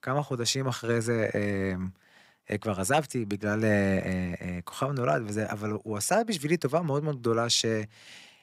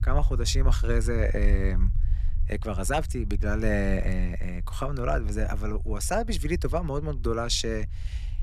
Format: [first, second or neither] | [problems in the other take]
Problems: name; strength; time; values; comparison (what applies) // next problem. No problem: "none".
first | low rumble; noticeable; throughout; 20 dB below the speech